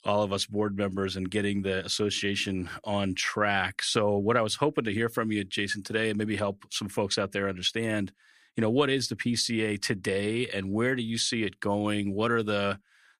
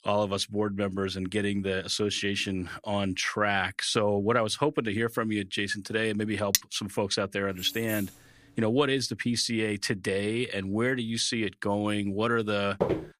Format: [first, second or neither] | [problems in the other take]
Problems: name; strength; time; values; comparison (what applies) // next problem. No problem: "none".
first | clattering dishes; very faint; at 6.5 s; peak 1 dB above the speech // jangling keys; faint; from 7.5 to 8.5 s; peak 10 dB below the speech // footsteps; noticeable; at 13 s; peak 1 dB below the speech